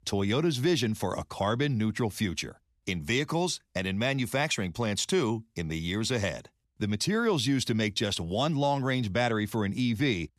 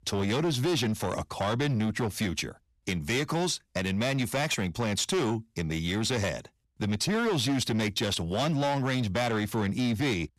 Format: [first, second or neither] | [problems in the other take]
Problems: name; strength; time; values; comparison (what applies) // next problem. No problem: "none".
first | distortion; slight; 16% of the sound clipped